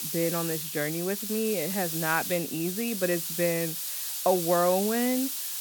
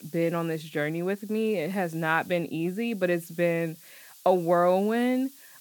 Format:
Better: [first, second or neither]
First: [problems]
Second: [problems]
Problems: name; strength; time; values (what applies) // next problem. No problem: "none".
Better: second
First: hiss; loud; throughout; 2 dB below the speech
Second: hiss; faint; throughout; 20 dB below the speech